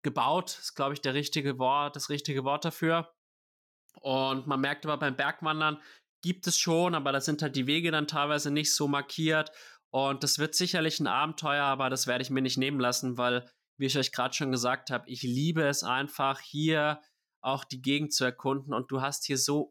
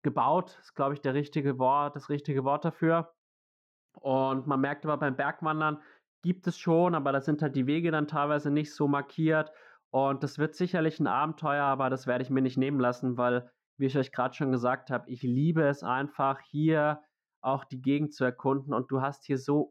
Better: first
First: none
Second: muffled; very; fading above 3 kHz

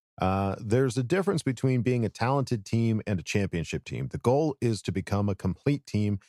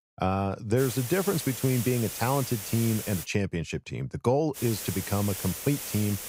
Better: first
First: none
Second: hiss; loud; from 1 to 3 s and from 4.5 s on; 6 dB below the speech

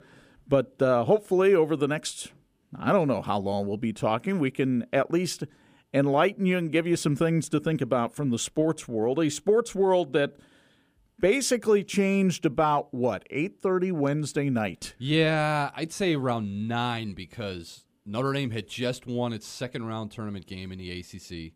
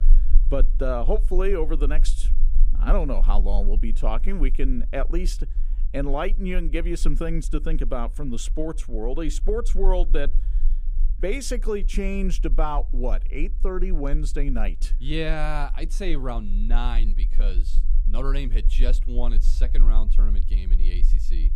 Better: first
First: none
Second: low rumble; faint; throughout; 20 dB below the speech

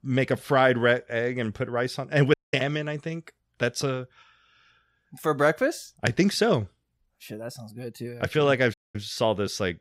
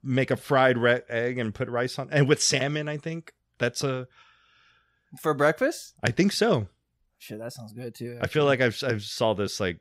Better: second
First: audio cutting out; at 2.5 s and at 8.5 s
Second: none

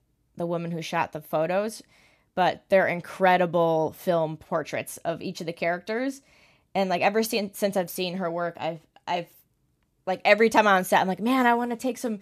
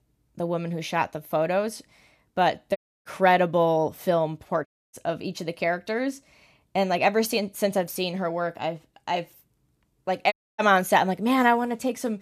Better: first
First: none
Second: audio cutting out; at 3 s, at 4.5 s and at 10 s

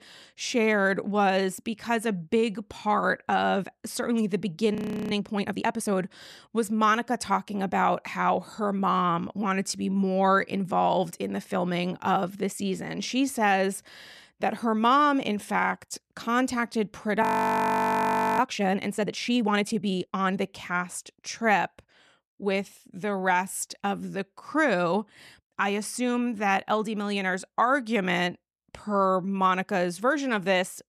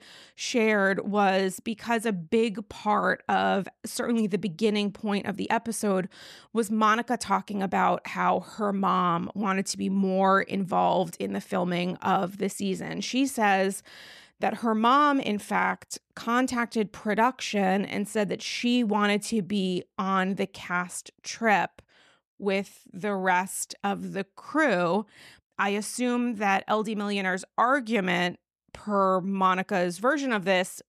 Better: second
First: audio freezing; at 5 s and at 17 s for 1 s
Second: none

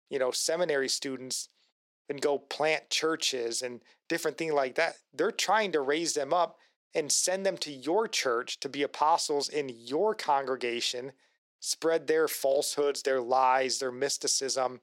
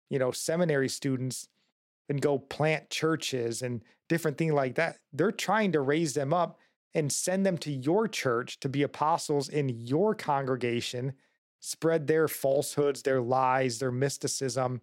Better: second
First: thin; somewhat; fading below 400 Hz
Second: none

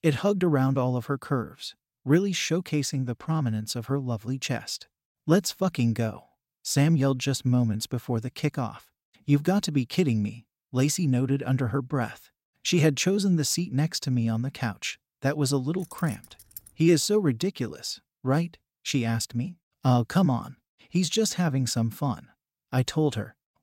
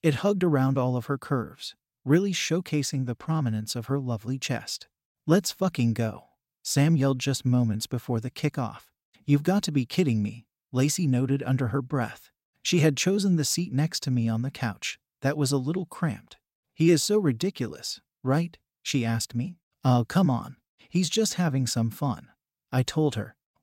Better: second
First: jangling keys; faint; at 16 s; peak 20 dB below the speech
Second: none

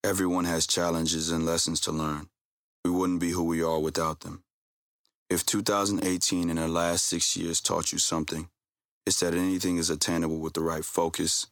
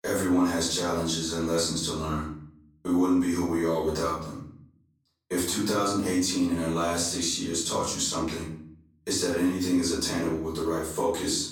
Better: first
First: none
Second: off-mic speech; far // room echo; noticeable; dies away in 0.6 s

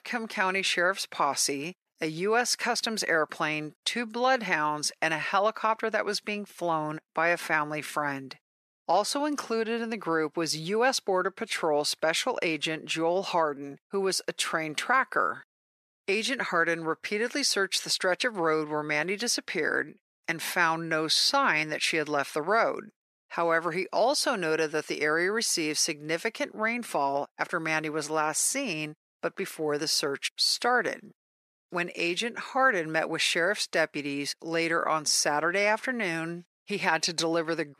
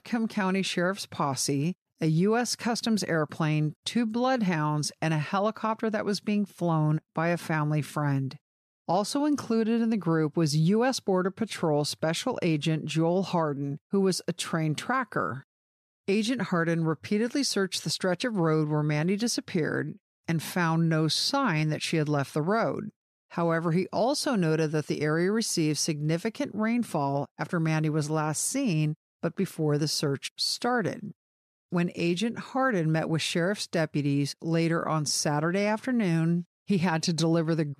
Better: second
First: thin; somewhat; fading below 450 Hz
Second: none

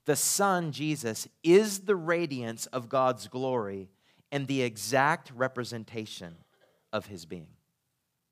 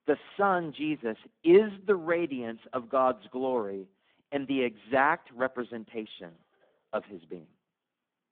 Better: first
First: none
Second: phone-call audio; poor line

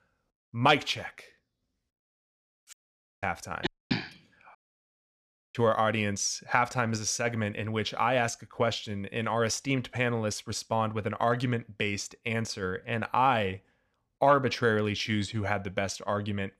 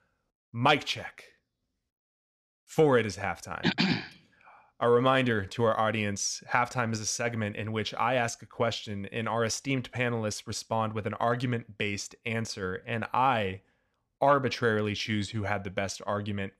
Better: second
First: audio cutting out; at 2.5 s, at 3.5 s and at 4.5 s for 1 s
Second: none

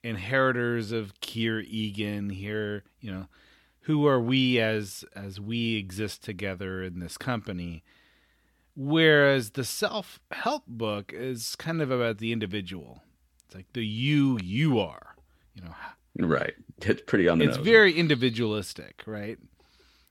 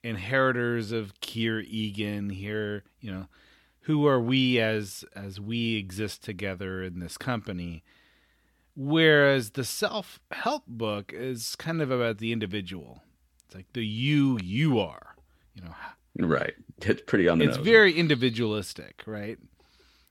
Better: neither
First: none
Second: none

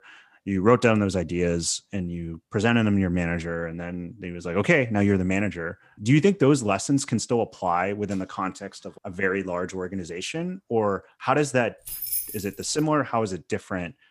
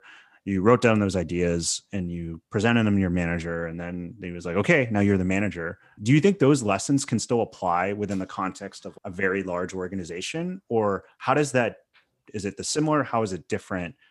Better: second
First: jangling keys; noticeable; at 12 s; peak 2 dB below the speech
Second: none

